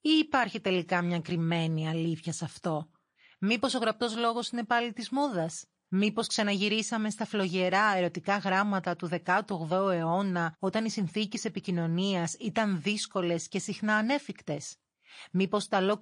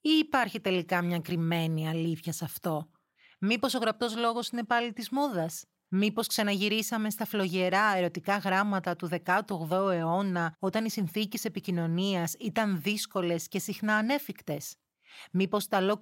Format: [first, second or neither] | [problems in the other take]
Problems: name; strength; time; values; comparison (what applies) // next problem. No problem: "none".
second | garbled, watery; slightly; nothing above 10 kHz